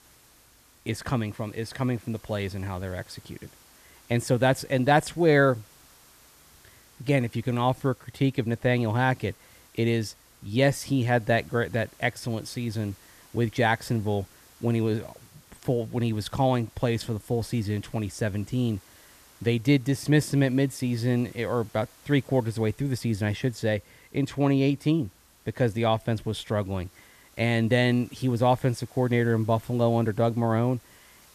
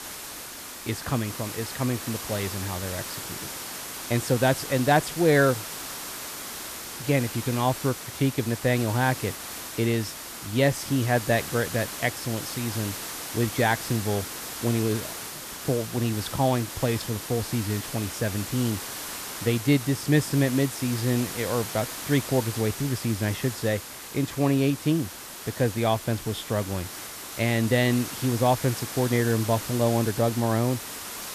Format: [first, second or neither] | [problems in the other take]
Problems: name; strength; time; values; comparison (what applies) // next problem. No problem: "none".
first | hiss; loud; throughout; 8 dB below the speech; faint in the first